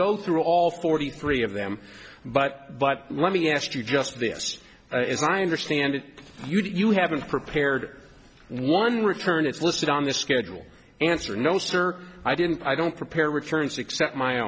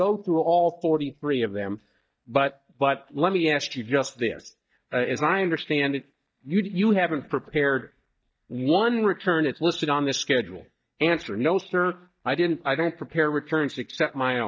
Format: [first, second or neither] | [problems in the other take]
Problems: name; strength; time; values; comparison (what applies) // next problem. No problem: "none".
first | noise reduction (neural mask model DeepFilterNet 3)